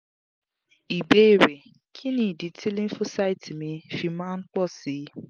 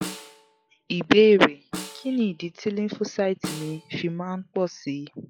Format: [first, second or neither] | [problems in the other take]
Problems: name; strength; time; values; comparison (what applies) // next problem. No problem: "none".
first | noise reduction (classical method log-MMSE)